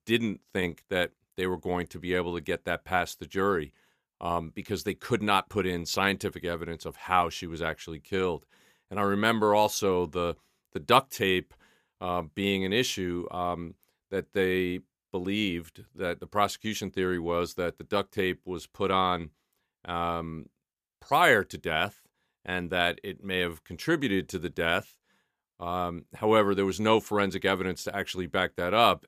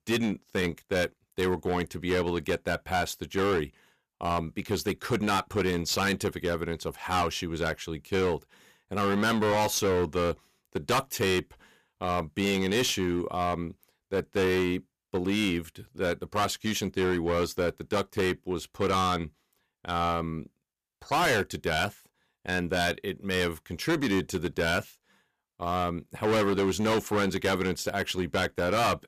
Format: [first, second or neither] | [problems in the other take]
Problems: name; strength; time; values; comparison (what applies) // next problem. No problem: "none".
first | distortion; heavy; 12% of the sound clipped